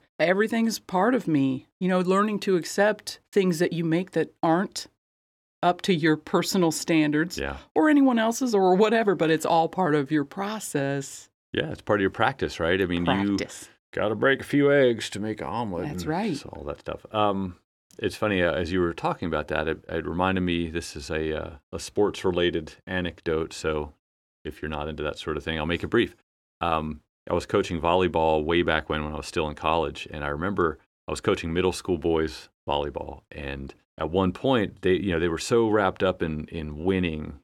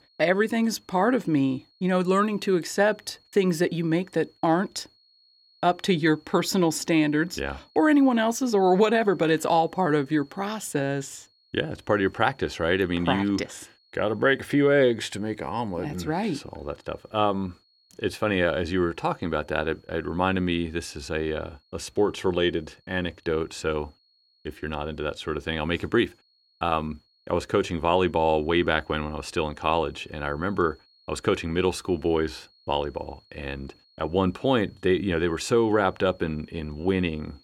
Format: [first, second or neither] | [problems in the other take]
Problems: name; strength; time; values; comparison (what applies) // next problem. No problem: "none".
first | high-pitched whine; faint; throughout; 4.5 kHz, 35 dB below the speech